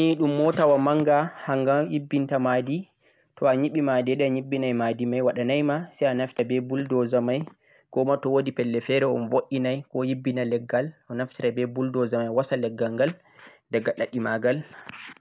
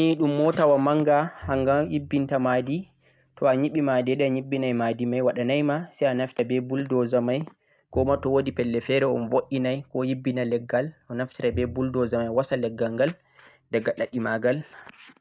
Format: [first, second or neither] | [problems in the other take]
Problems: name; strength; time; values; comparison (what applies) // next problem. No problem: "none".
first | noise reduction (neural mask model RNNoise)